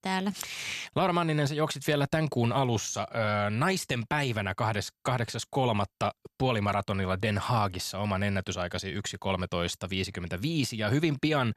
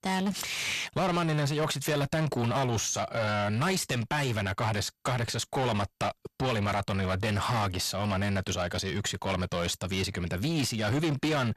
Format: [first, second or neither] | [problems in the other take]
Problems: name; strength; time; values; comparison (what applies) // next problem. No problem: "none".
first | distortion; heavy; 7 dB below the speech